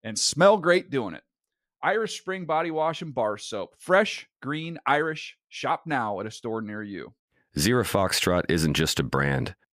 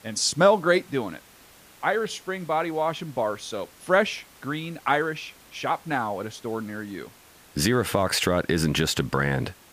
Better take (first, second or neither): first